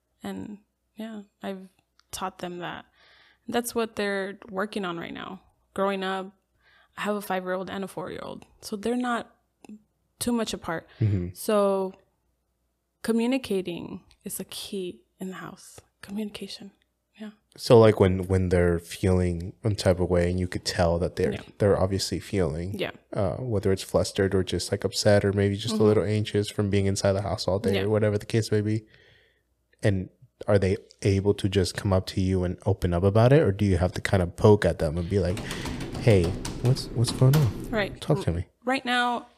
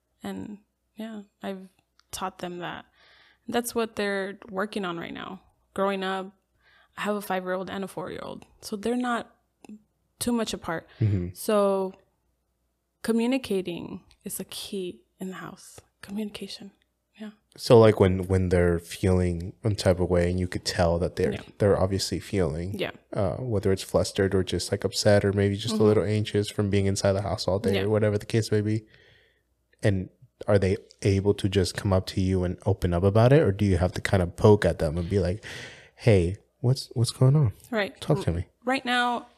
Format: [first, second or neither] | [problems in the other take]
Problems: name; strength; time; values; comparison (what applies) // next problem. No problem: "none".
second | keyboard typing; noticeable; from 35 to 38 s; peak 7 dB below the speech